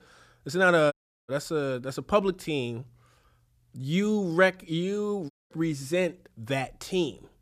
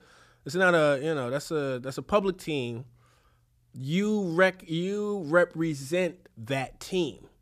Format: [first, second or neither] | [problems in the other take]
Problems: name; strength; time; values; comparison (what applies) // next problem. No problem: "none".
second | audio cutting out; at 1 s and at 5.5 s